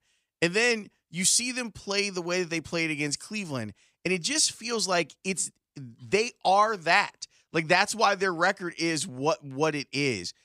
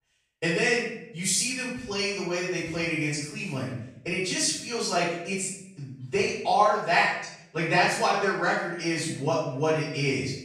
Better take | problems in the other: first | off-mic speech; far // room echo; noticeable; dies away in 0.7 s

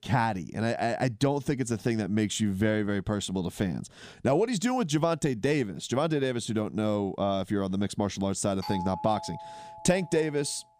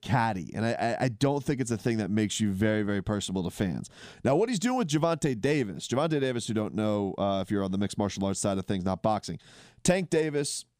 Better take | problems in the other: second | doorbell; noticeable; from 8.5 s on; peak 8 dB below the speech

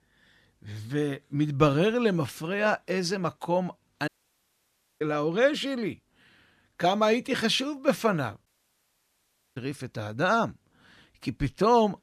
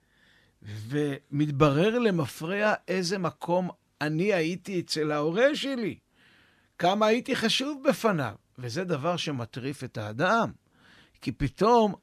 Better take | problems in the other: second | audio cutting out; at 4 s for 1 s and at 8.5 s for 1 s

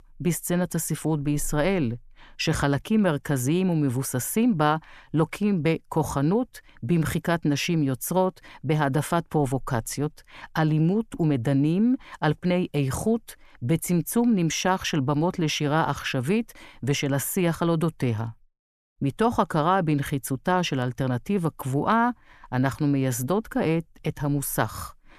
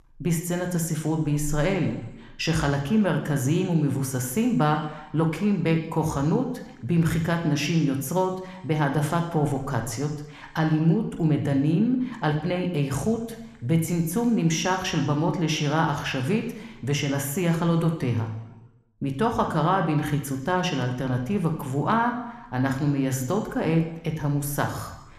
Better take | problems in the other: first | room echo; slight; dies away in 0.9 s

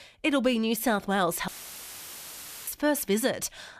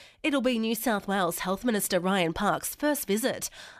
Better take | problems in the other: second | audio cutting out; filled with static; at 1.5 s for 1 s

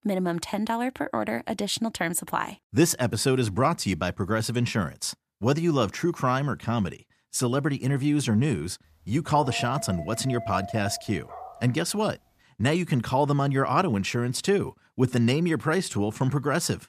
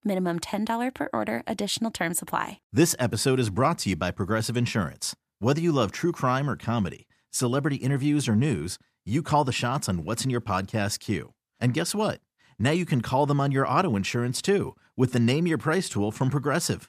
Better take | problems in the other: second | dog barking; noticeable; from 9.5 to 12 s; peak 9 dB below the speech

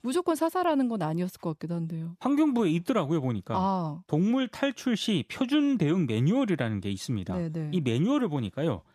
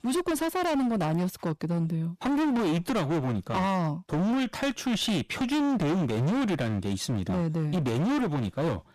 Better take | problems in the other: first | distortion; heavy; 31% of the sound clipped

